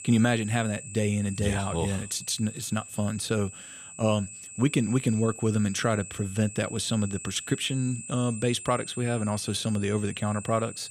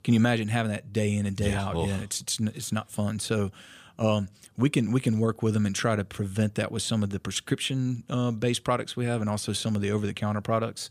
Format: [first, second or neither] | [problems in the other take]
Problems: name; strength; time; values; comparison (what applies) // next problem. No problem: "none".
second | high-pitched whine; noticeable; throughout; 8 kHz, 10 dB below the speech